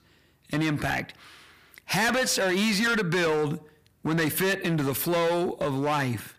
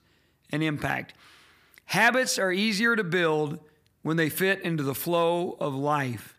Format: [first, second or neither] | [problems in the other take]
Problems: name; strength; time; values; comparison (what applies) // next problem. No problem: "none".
second | distortion; heavy; 17% of the sound clipped